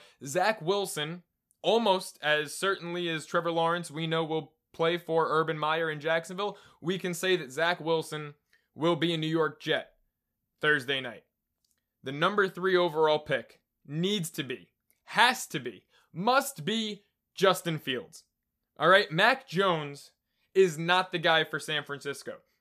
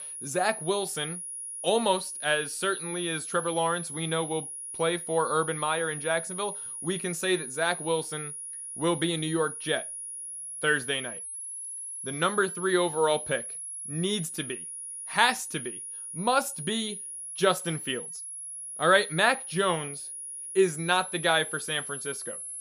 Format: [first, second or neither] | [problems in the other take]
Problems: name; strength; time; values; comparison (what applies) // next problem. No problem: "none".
first | high-pitched whine; loud; throughout; 10.5 kHz, 7 dB below the speech